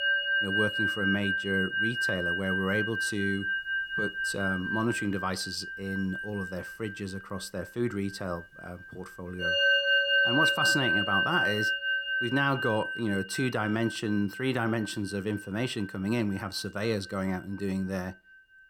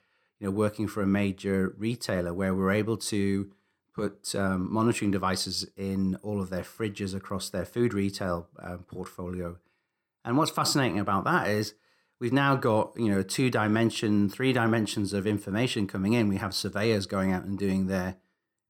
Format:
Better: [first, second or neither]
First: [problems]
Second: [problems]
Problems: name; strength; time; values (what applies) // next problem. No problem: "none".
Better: second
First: background music; very loud; throughout; 4 dB above the speech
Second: none